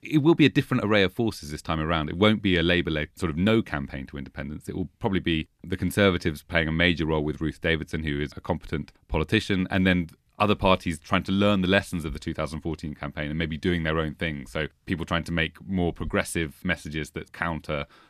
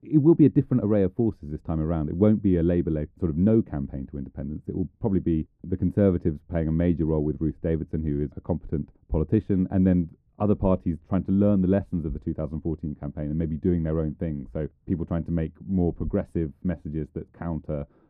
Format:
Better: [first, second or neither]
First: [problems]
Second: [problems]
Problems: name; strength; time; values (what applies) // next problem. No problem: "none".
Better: first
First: none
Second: muffled; very; fading above 1.5 kHz